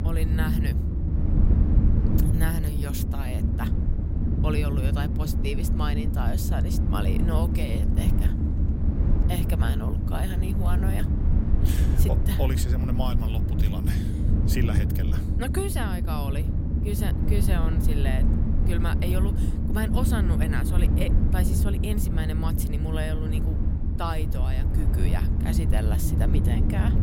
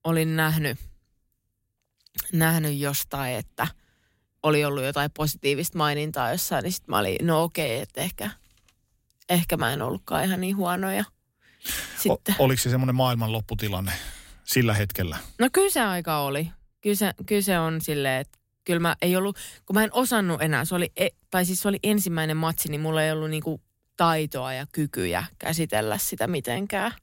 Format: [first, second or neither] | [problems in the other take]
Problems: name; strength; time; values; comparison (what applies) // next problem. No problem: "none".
second | low rumble; loud; throughout; 2 dB below the speech